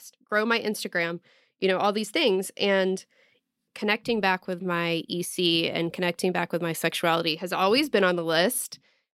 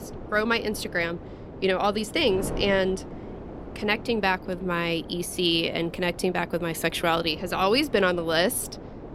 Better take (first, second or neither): first